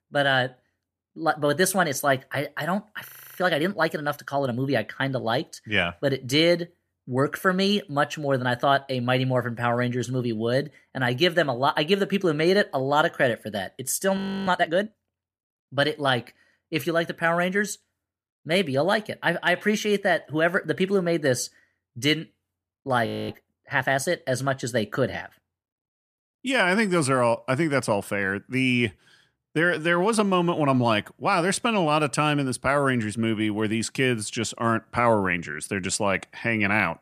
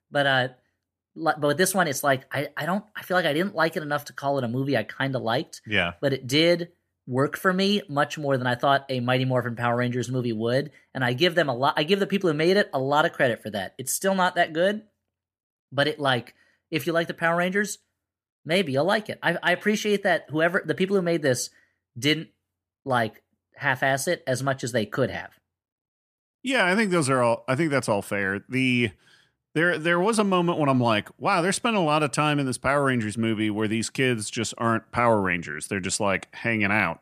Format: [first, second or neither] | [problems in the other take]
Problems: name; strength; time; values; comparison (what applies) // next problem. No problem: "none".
second | audio freezing; at 3 s, at 14 s and at 23 s